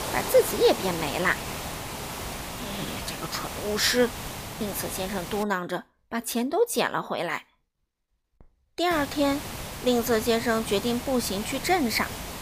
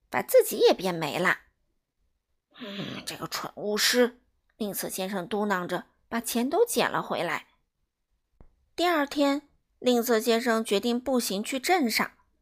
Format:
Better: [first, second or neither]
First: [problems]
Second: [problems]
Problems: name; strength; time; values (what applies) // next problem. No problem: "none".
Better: second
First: hiss; loud; until 5.5 s and from 9 s on; 8 dB below the speech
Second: none